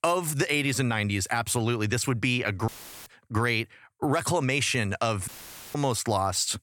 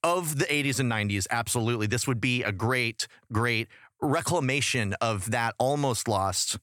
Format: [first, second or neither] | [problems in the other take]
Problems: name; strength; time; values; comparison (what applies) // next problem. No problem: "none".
second | audio cutting out; filled with static; at 2.5 s and at 5.5 s